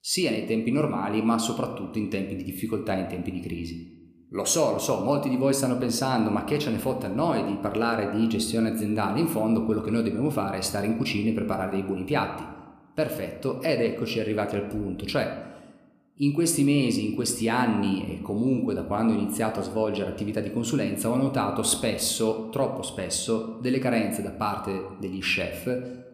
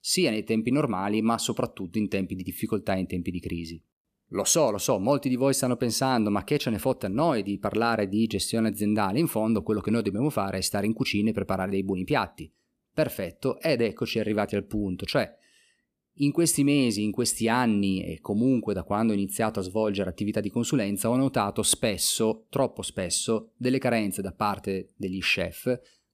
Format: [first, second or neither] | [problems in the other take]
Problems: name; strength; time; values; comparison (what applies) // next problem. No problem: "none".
second | room echo; very slight; dies away in 0.8 s